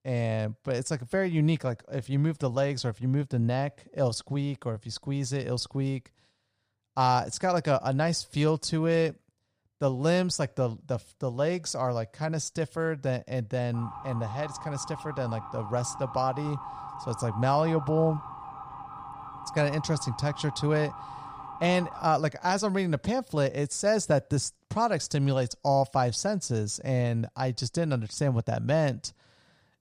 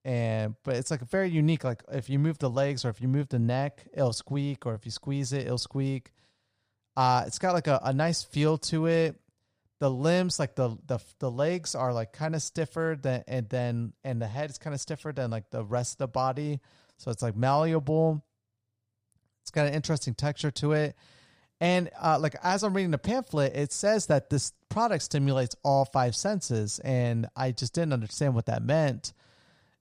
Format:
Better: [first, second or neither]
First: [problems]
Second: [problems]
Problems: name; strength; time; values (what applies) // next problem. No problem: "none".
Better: second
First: siren; faint; from 14 to 22 s; peak 10 dB below the speech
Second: none